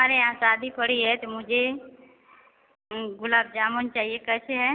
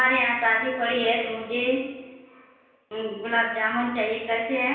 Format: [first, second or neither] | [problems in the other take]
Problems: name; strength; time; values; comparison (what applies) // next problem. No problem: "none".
first | room echo; dies away in 0.9 s